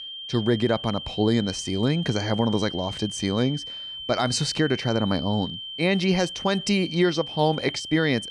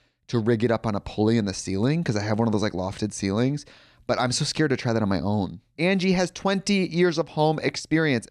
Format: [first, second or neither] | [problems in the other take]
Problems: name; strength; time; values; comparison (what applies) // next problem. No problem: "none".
second | high-pitched whine; loud; throughout; 3 kHz, 9 dB below the speech